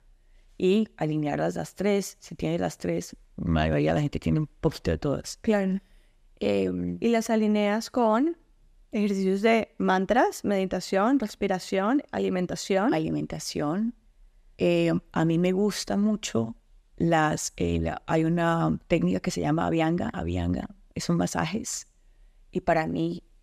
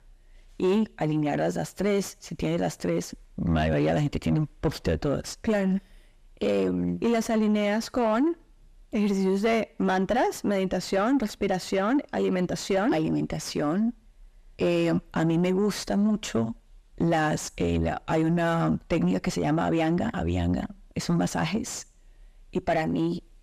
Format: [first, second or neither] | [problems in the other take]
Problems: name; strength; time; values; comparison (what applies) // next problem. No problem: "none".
first | distortion; slight; 9 dB below the speech